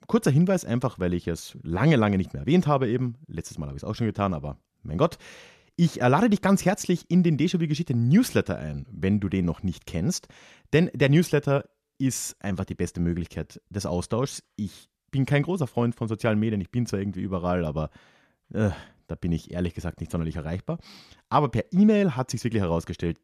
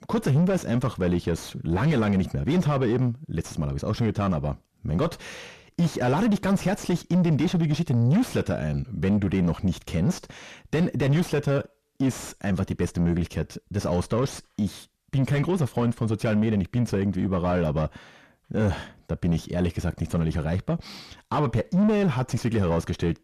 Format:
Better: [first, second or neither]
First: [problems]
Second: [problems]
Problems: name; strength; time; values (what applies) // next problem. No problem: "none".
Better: first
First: none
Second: distortion; heavy; 6 dB below the speech